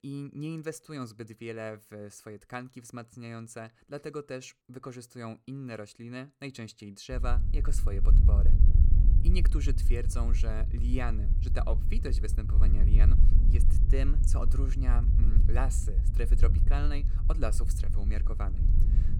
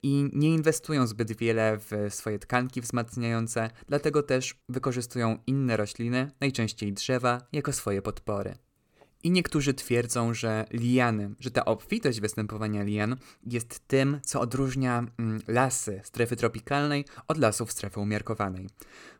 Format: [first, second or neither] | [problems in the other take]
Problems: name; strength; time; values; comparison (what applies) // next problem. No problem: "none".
second | wind noise on the microphone; heavy; from 7 s on; 6 dB below the speech